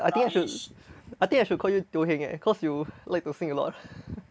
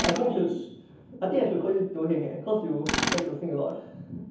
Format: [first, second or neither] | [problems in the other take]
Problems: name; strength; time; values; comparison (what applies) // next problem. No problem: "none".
first | background sound (Tools); 7 dB below the speech // room echo; dies away in 0.7 s